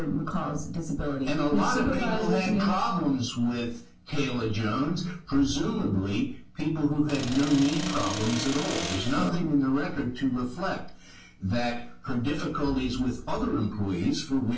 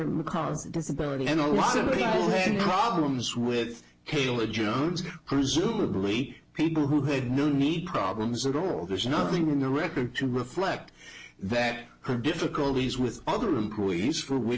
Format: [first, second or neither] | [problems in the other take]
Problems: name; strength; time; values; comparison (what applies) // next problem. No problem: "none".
second | background sound (Accelerating, revving, vroom); 6 dB below the speech // room echo; dies away in 0.3 s